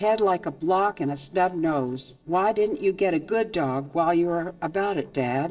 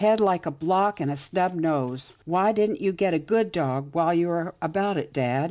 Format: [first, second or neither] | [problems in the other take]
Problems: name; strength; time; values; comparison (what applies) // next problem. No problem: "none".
second | noise reduction (neural separator model SepFormer DNS4)